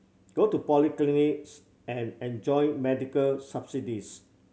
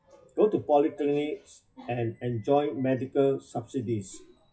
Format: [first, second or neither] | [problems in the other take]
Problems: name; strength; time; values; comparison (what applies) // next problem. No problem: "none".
first | noise reduction (classical method WPE with log-MMSE)